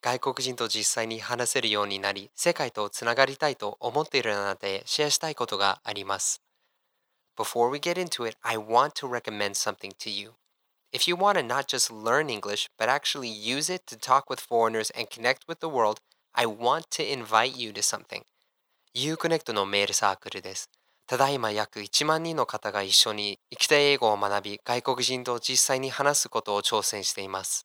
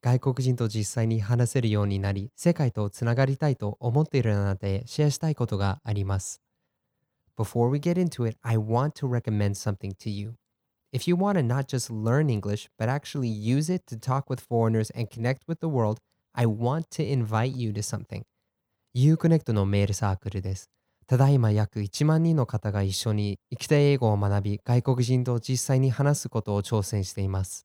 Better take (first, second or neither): second